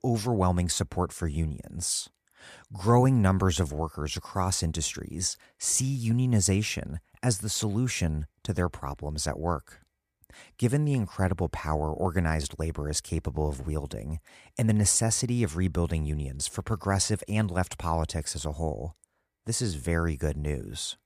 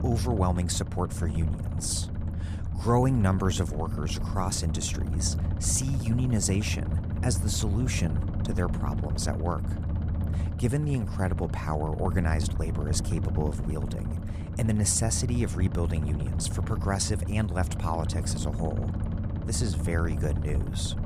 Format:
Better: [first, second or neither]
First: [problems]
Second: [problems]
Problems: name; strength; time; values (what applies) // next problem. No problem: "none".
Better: first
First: none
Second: low rumble; loud; throughout; 9 dB below the speech